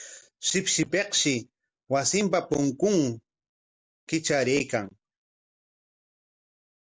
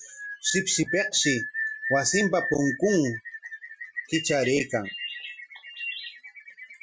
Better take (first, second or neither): first